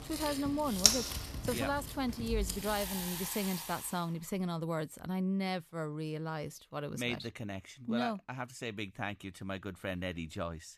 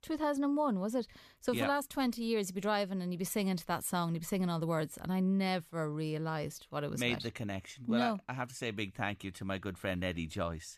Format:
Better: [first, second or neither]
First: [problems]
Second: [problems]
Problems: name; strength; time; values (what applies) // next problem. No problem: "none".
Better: second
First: household noises; very loud; until 4 s; 3 dB above the speech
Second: none